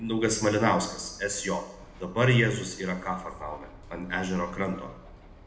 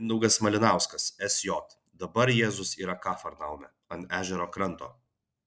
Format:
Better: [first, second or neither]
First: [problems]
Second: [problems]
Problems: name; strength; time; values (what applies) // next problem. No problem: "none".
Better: second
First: background sound (Bird); 19 dB below the speech // room echo; dies away in 0.8 s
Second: none